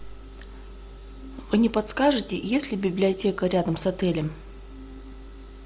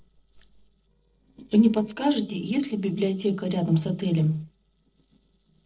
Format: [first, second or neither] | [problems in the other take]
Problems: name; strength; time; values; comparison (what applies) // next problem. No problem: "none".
first | noise reduction (neural separator model SepFormer DNS4)